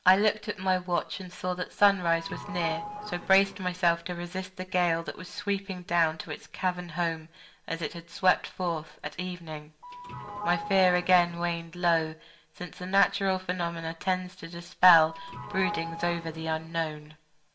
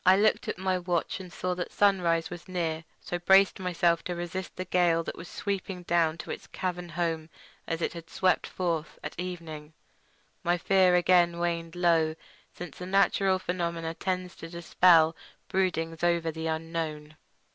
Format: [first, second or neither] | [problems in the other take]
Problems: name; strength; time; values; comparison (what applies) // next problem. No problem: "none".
second | background sound (Sliding door / Doorbell); 11 dB below the speech // room echo; dies away in 0.3 s